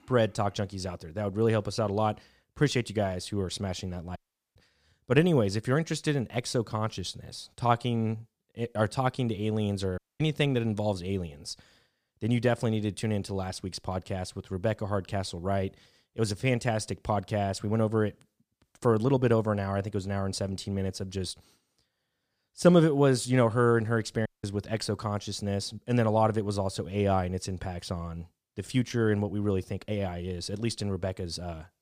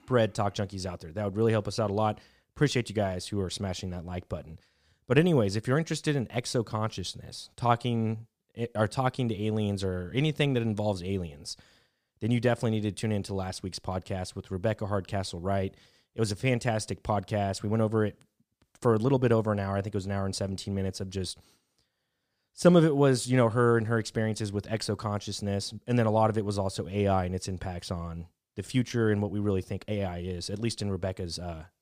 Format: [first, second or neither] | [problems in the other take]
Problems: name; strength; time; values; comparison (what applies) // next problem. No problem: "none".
second | audio cutting out; at 4 s, at 10 s and at 24 s